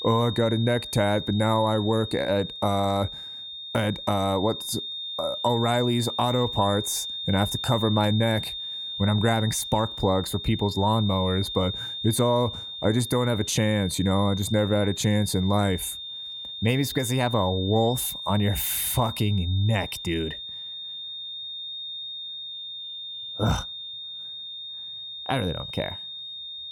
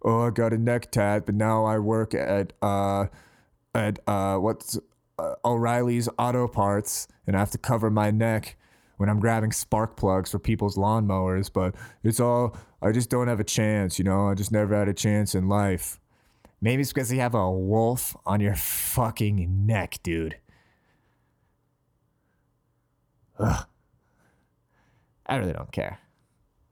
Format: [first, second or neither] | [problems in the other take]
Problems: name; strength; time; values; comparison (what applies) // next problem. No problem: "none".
second | high-pitched whine; loud; throughout; 3.5 kHz, 7 dB below the speech